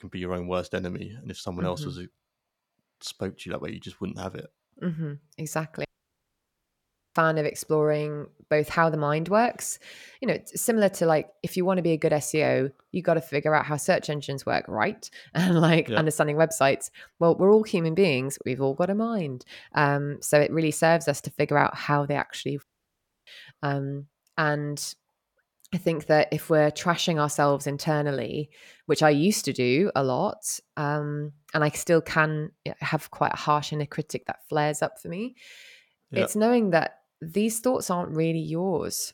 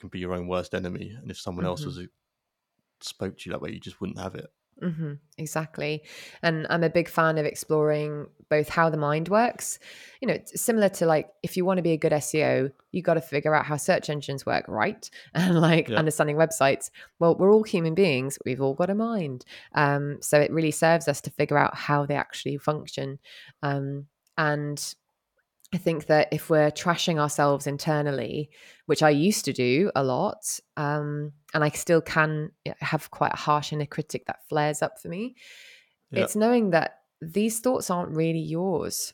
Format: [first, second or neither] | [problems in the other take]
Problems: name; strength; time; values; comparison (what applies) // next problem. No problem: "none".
second | audio cutting out; at 6 s for 1.5 s and at 23 s for 0.5 s